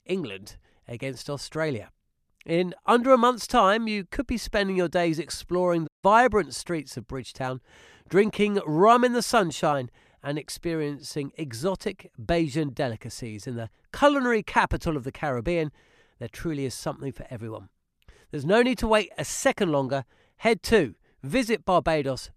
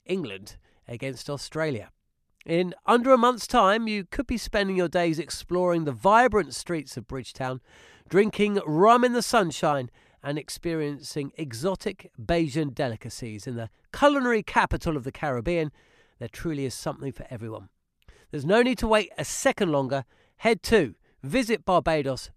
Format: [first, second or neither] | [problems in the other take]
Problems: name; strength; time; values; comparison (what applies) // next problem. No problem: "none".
second | audio cutting out; at 6 s